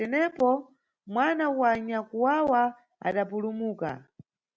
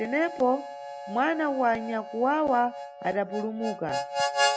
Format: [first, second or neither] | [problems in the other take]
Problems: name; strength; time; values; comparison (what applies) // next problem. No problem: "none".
first | background sound (Harmonica); 5 dB below the speech